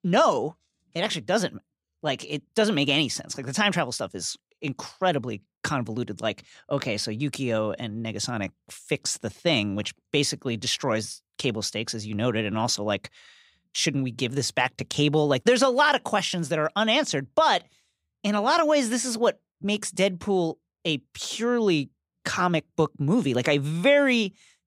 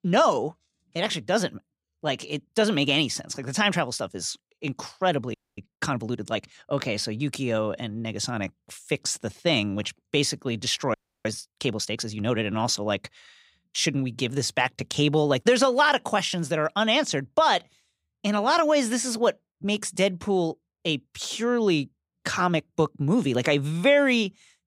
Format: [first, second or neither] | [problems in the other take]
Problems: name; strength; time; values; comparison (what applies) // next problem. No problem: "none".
first | audio freezing; at 5.5 s and at 11 s